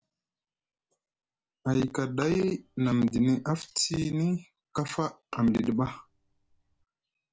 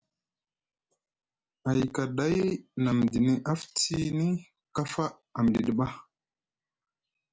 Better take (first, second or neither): second